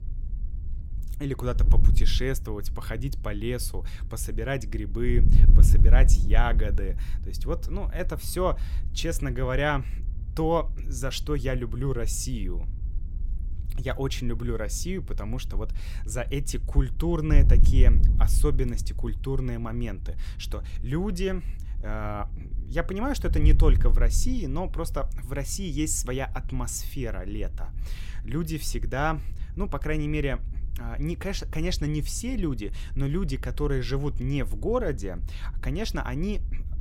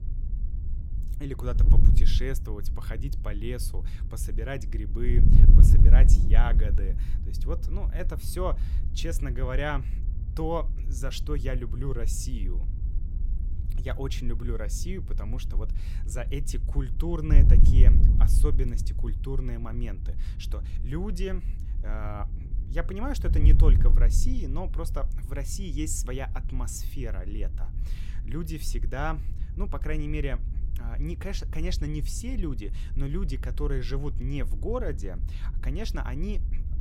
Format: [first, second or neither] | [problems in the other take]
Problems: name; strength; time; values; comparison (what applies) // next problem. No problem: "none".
first | wind noise on the microphone; heavy; 9 dB below the speech; occasional gusts in the first